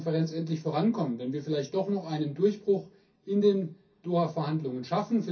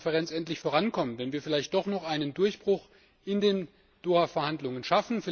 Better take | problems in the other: second | room echo; dies away in 0.3 s

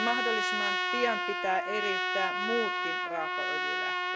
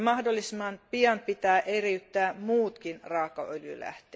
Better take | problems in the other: second | background sound (Trumpet); 3 dB above the speech

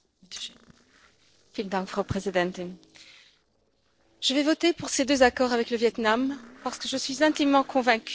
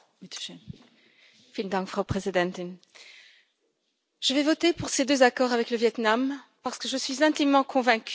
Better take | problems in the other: second | noise reduction (neural separator model SepFormer DNS4)

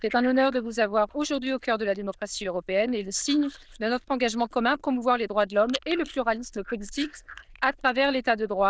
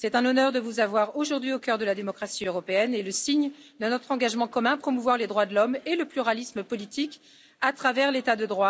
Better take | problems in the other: second | noise reduction (neural diffusion model UNIVERSE++)

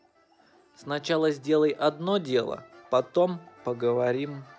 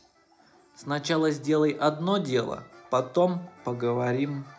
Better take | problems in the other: first | room echo; dies away in 0.4 s

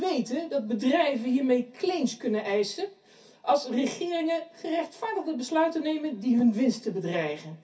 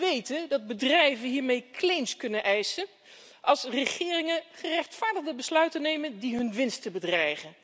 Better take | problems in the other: second | room echo; dies away in 0.3 s

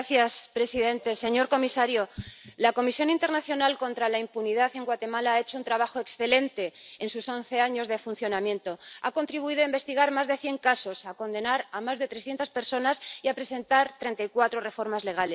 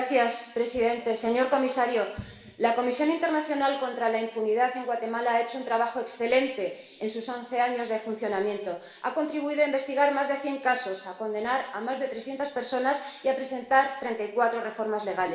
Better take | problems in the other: first | room echo; dies away in 1 s

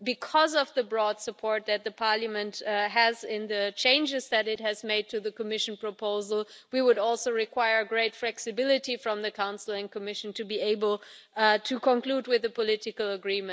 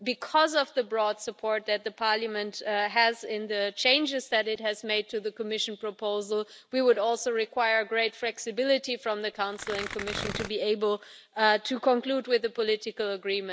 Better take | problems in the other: first | background sound (Tearing); 9 dB below the speech

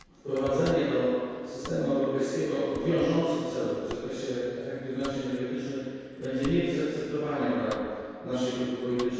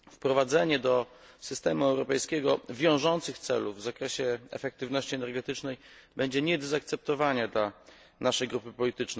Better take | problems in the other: second | background sound (Domestic sounds, home sounds); 19 dB below the speech // room echo; dies away in 2 s

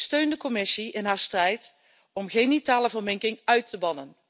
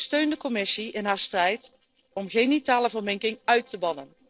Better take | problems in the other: first | noise reduction (neural separator model SepFormer DNS4)

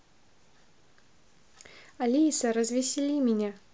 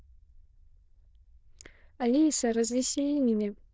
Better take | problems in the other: first | noise reduction (neural diffusion model UNIVERSE++)

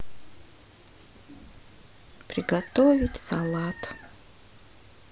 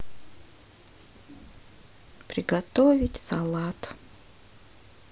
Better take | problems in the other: second | background sound (Chicken, rooster); 18 dB below the speech

